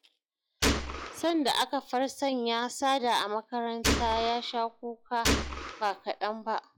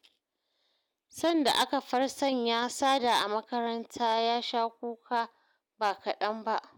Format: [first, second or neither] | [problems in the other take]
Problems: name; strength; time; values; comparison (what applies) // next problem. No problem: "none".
second | noise reduction (classical method log-MMSE)